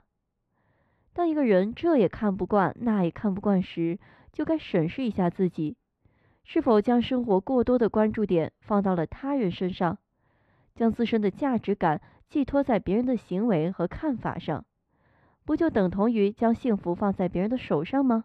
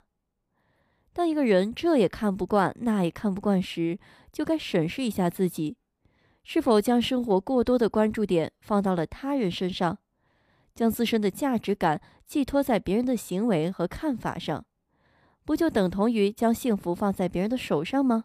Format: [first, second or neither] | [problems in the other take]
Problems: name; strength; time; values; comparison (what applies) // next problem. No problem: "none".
second | muffled; slightly; fading above 2.5 kHz